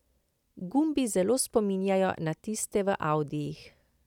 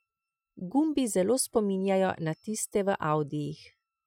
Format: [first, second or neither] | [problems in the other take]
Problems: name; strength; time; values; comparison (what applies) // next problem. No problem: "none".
first | noise reduction (classical method Wiener filter)